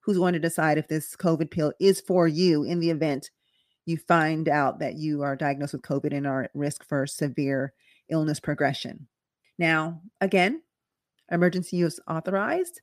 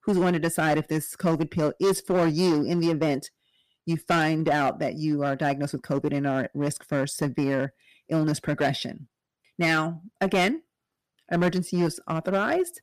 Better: first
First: none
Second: distortion; slight; 7% of the sound clipped

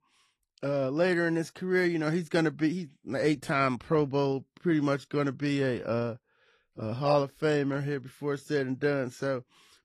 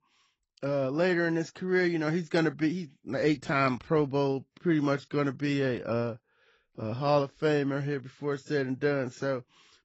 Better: first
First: garbled, watery; slightly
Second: garbled, watery; badly; nothing above 8 kHz

